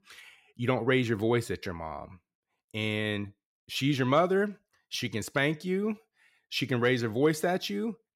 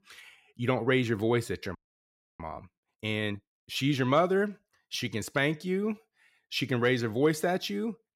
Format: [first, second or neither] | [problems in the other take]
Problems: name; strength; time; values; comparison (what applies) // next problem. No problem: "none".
first | audio freezing; at 2 s for 0.5 s